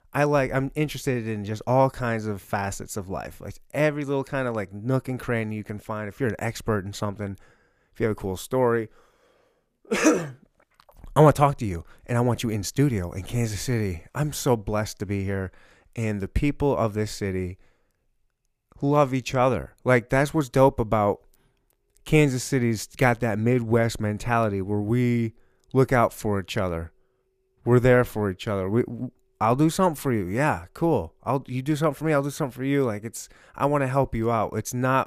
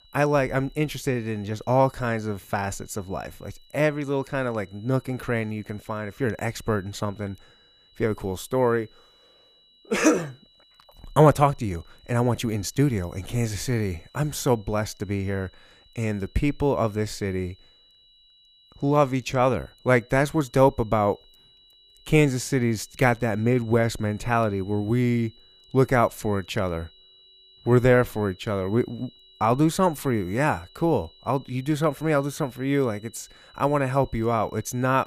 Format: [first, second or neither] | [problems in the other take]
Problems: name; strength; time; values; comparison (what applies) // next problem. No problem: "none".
first | high-pitched whine; faint; throughout; 4 kHz, 30 dB below the speech